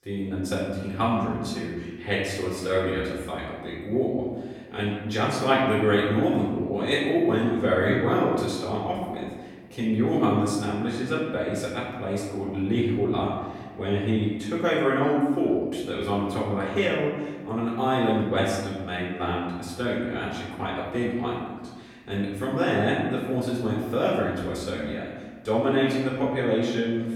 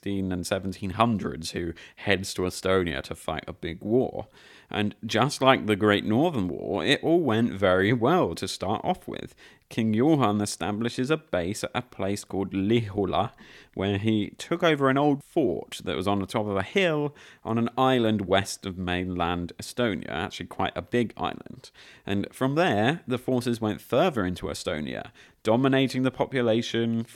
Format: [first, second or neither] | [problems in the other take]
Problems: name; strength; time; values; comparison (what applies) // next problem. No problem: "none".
second | room echo; noticeable; dies away in 1.3 s // off-mic speech; far